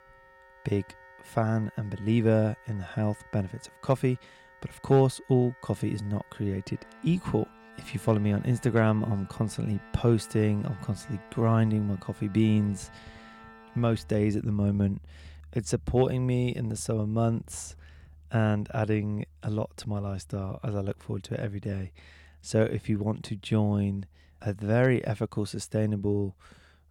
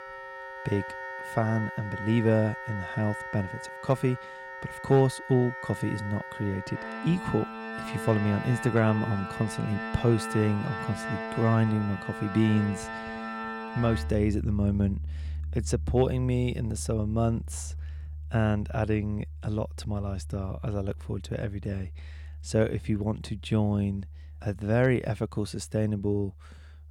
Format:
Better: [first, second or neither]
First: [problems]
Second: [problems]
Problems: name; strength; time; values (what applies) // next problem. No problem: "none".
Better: first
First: background music; faint; throughout; 25 dB below the speech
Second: background music; loud; throughout; 9 dB below the speech